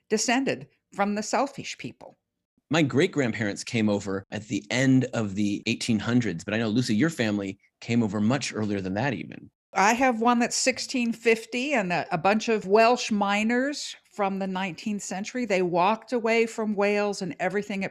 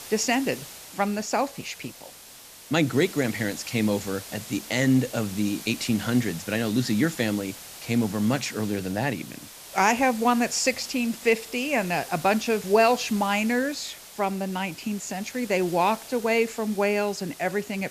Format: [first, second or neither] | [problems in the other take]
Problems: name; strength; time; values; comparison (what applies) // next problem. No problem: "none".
first | hiss; noticeable; throughout; 15 dB below the speech